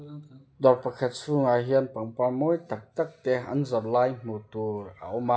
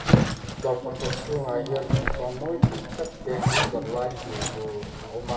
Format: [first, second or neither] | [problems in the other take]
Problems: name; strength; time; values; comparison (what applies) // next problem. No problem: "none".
first | background sound (Zipper (clothing)); 3 dB above the speech // room echo; dies away in 2.8 s